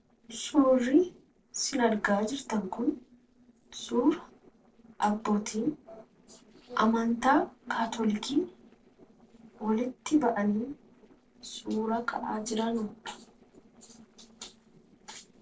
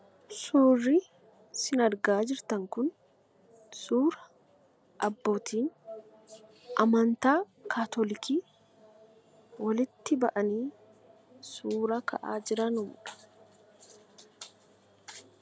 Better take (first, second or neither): second